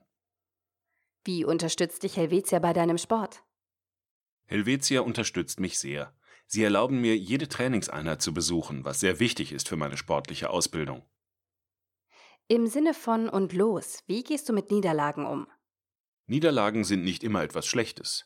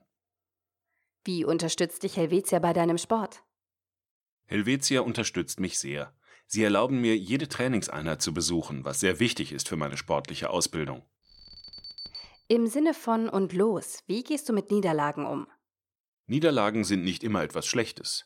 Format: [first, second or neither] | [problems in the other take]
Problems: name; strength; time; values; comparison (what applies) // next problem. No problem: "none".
first | alarm; faint; at 11 s; peak 10 dB below the speech